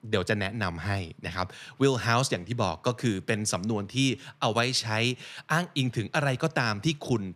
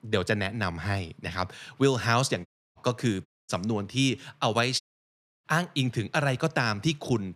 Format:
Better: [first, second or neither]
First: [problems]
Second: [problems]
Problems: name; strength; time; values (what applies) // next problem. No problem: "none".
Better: first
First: none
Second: audio cutting out; at 2.5 s, at 3.5 s and at 5 s for 0.5 s